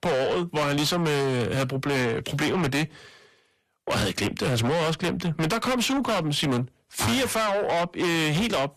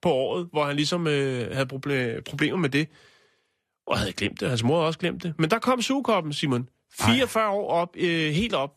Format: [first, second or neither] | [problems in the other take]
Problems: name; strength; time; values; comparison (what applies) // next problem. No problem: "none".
second | distortion; heavy; 6 dB below the speech